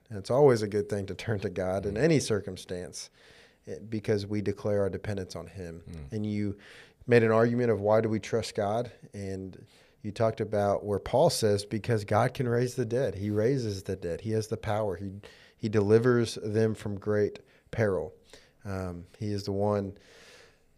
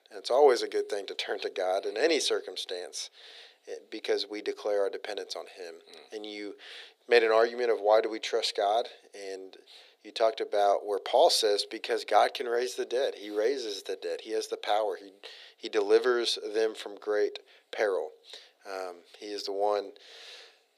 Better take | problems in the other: first | thin; very; fading below 350 Hz

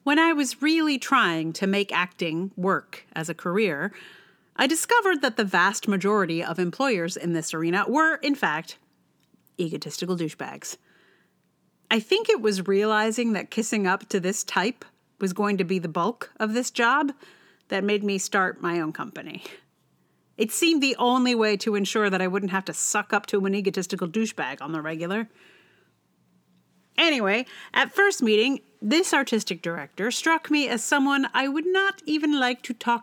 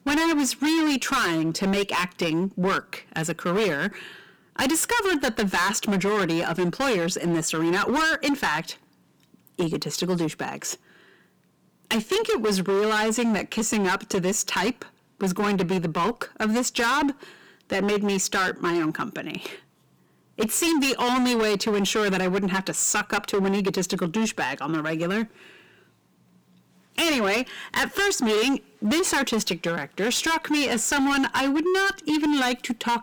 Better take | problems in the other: first | distortion; heavy; 20% of the sound clipped

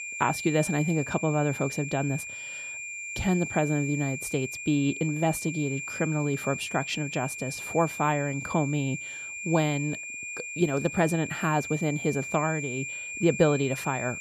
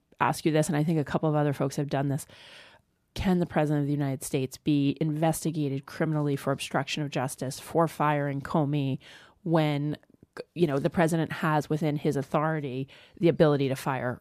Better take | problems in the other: second | high-pitched whine; loud; throughout; 2.5 kHz, 7 dB below the speech

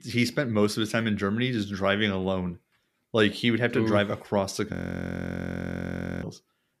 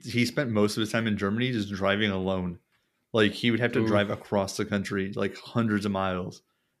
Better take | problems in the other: second | audio freezing; at 4.5 s for 1.5 s

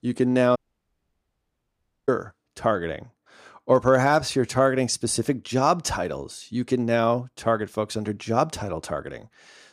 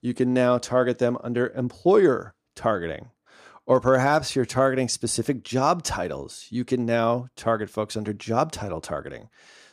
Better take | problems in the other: second | audio cutting out; at 0.5 s for 1.5 s

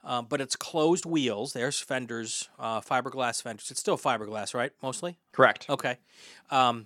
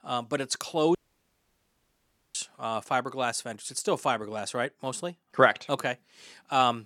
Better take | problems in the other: first | audio cutting out; at 1 s for 1.5 s

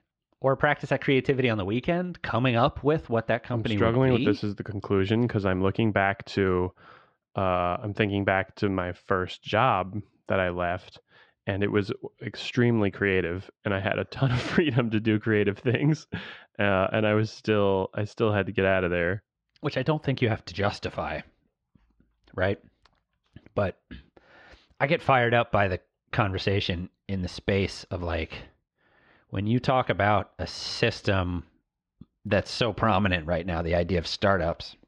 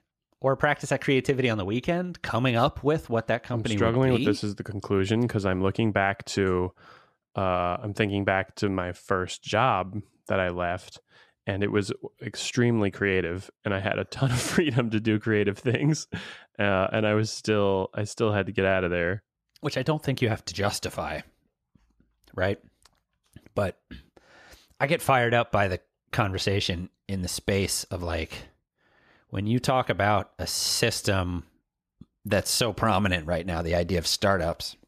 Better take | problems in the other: second | muffled; slightly; fading above 4 kHz

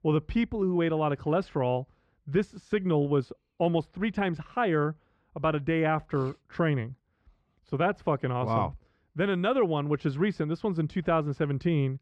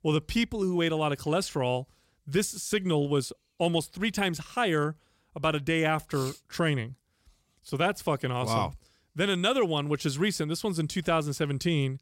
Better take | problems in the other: second | muffled; very; fading above 1.5 kHz

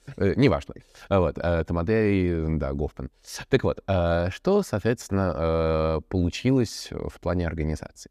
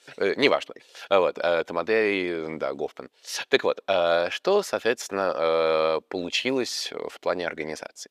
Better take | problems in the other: first | thin; somewhat; fading below 500 Hz

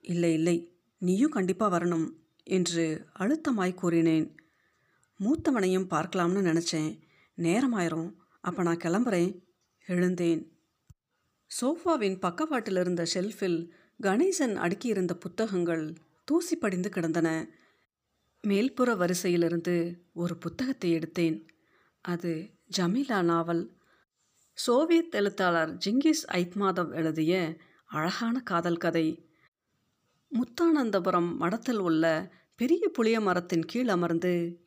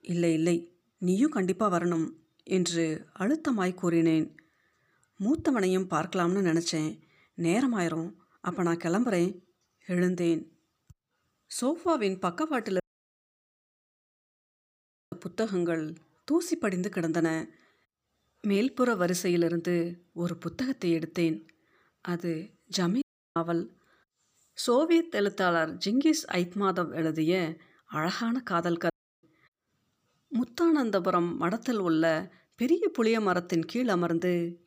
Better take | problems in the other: first | audio cutting out; at 13 s for 2.5 s, at 23 s and at 29 s

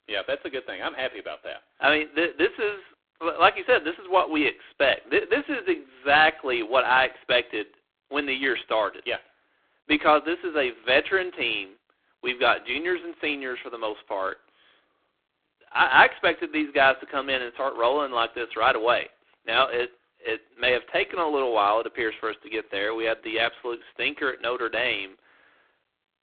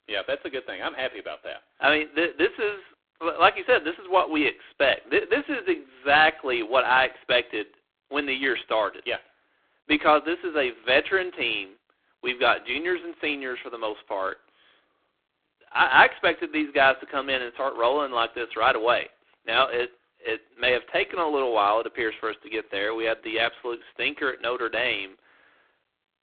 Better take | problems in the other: neither | phone-call audio; poor line; nothing above 3.5 kHz; the same in both

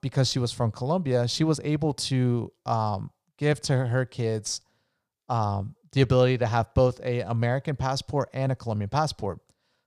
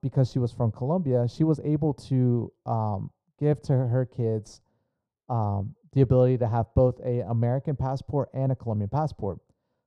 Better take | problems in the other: first | muffled; very; fading above 1 kHz

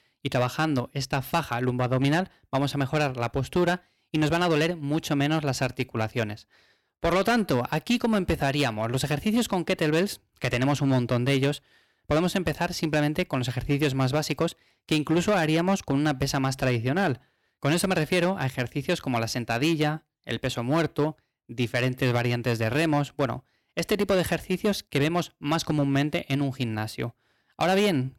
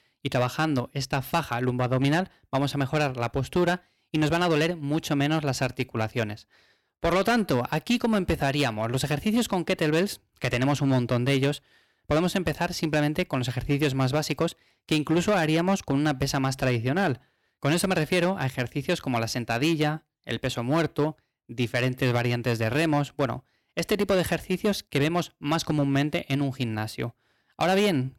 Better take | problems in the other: neither | distortion; slight; 6% of the sound clipped; the same in both

